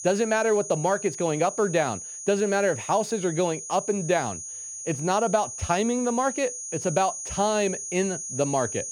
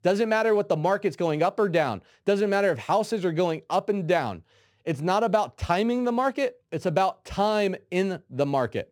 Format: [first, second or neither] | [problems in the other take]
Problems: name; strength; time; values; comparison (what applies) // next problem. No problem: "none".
second | high-pitched whine; loud; throughout; 6.5 kHz, 8 dB below the speech